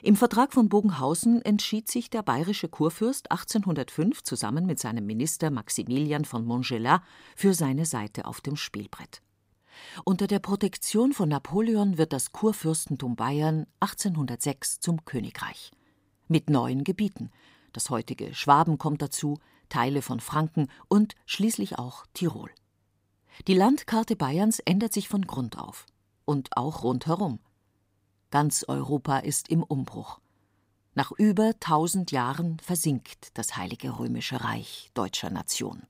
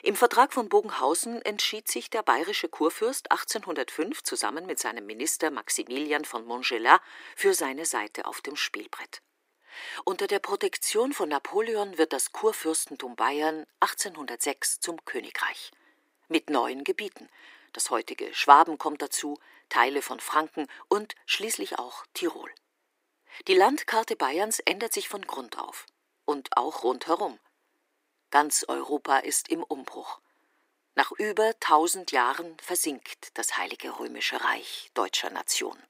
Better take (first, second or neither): first